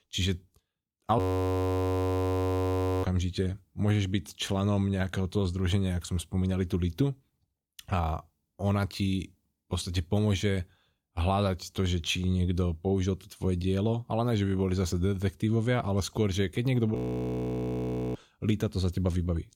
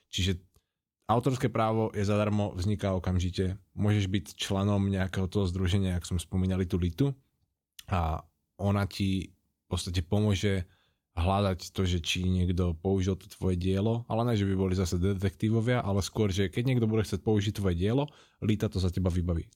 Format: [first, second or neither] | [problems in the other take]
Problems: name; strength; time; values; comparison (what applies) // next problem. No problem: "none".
second | audio freezing; at 1 s for 2 s and at 17 s for 1 s